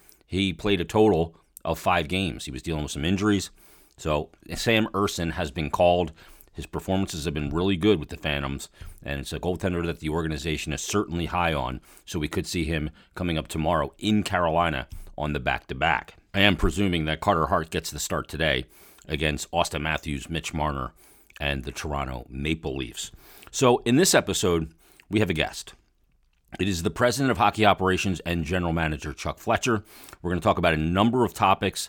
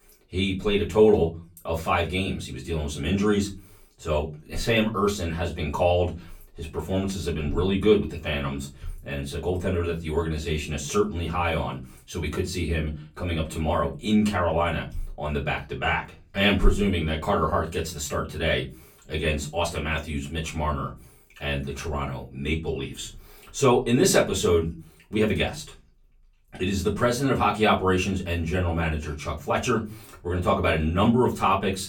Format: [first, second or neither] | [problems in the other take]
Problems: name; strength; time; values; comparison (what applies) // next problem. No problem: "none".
first | off-mic speech; far // room echo; very slight; dies away in 0.3 s